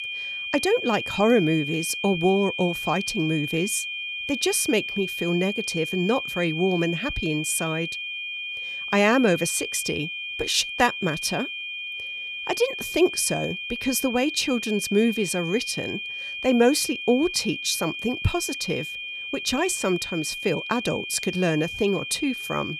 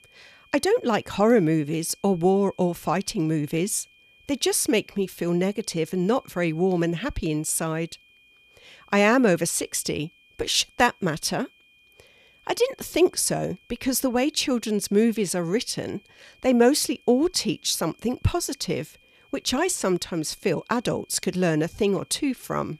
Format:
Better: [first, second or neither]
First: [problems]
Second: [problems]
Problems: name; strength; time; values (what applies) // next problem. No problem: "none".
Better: second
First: high-pitched whine; loud; throughout; 2.5 kHz, 5 dB below the speech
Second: high-pitched whine; faint; throughout; 2.5 kHz, 30 dB below the speech